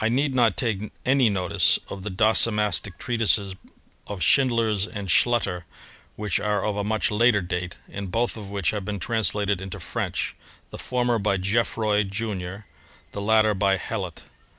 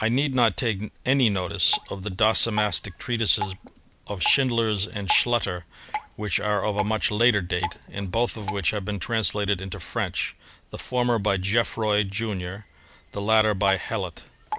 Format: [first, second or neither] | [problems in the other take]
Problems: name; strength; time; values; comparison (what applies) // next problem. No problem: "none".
first | background sound (Drip); 13 dB below the speech